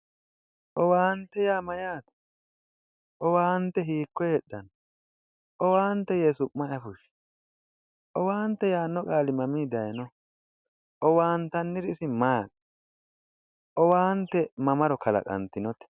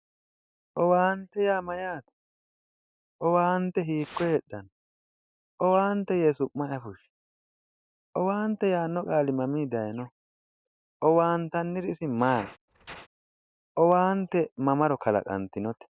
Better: first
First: none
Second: noise reduction (neural mask model DeepFilterNet 3)

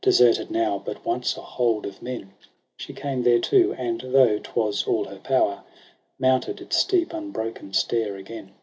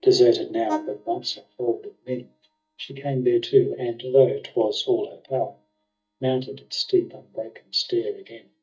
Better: first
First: none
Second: noise reduction (neural mask model DeepFilterNet 3)

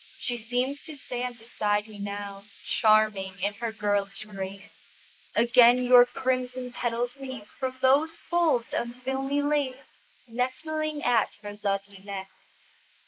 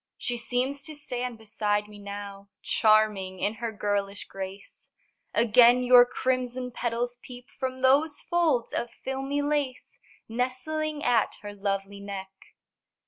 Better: second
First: noise reduction (neural mask model Resemble Enhance denoiser)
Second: none

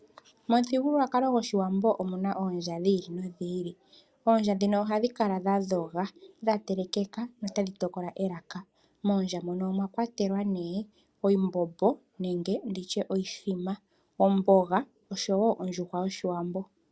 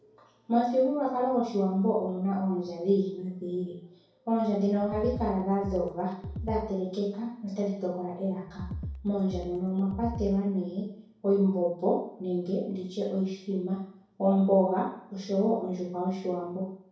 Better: first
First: none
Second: background sound (Drum kit); 10 dB below the speech // room echo; dies away in 0.6 s

